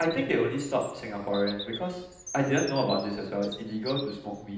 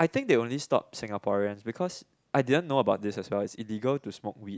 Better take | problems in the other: second | background sound (Bird vocalization, bird call, bird song); 14 dB below the speech // room echo; dies away in 0.9 s

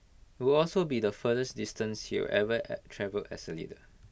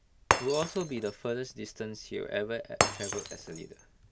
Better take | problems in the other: first | background sound (Shatter); 1 dB above the speech

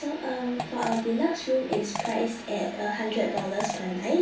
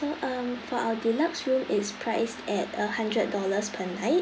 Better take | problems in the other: second | background sound (Fart); 9 dB below the speech // room echo; dies away in 0.3 s

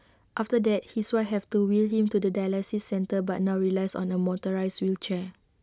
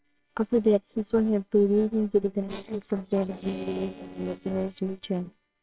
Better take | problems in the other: first | noise reduction (neural separator model SepFormer WHAMR!)

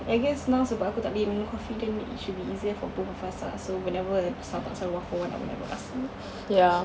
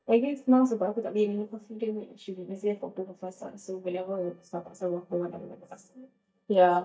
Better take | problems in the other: first | noise reduction (neural mask model DeepFilterNet 3)

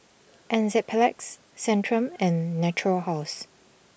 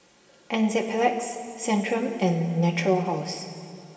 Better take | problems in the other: first | room echo; dies away in 2.5 s

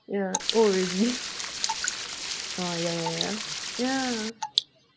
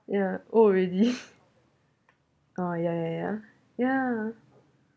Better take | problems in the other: second | background sound (Stream + Drip / Water); 3 dB below the speech

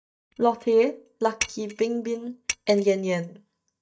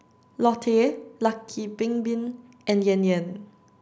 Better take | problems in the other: second | noise reduction (neural mask model DeepFilterNet 3)

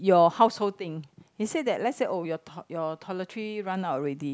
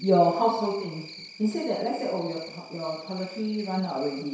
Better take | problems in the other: first | background sound (Cricket); 17 dB below the speech // room echo; dies away in 0.7 s

